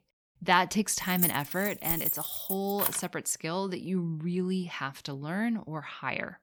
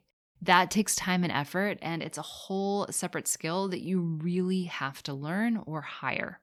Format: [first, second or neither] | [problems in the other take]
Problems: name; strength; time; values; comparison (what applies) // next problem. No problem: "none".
second | jangling keys; loud; from 1 to 3 s; peak 4 dB above the speech